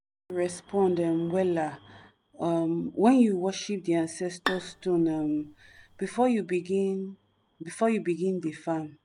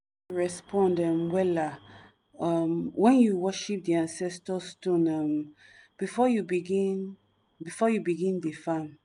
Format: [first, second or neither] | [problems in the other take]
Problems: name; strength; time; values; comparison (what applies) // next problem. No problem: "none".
second | background sound (Bowed string instrument); 11 dB below the speech